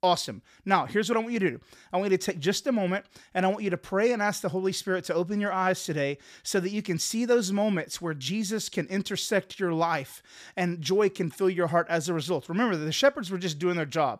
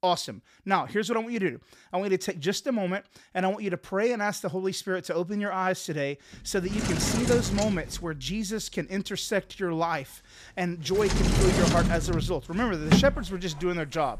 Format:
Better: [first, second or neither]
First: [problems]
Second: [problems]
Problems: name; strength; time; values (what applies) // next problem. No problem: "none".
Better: first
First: none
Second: household noises; very faint; from 6.5 s on; 1 dB above the speech